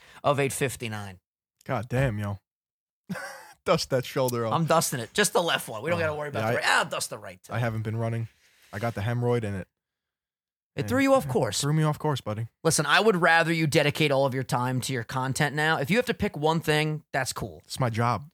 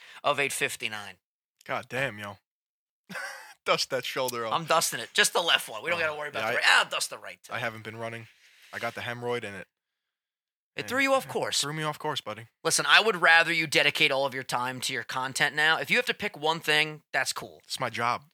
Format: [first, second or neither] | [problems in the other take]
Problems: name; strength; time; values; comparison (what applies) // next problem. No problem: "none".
first | thin; somewhat; fading below 550 Hz